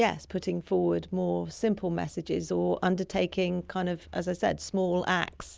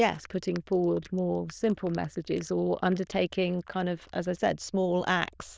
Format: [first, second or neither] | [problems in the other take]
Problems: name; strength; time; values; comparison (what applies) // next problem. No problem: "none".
first | noise reduction (neural diffusion model UNIVERSE++)